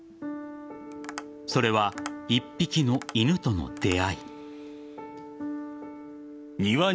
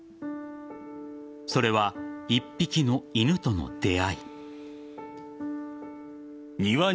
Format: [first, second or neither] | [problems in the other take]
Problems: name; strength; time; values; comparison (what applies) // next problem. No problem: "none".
second | background sound (Tap); 18 dB below the speech